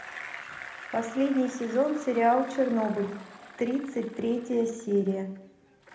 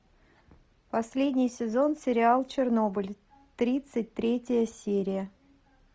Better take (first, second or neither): second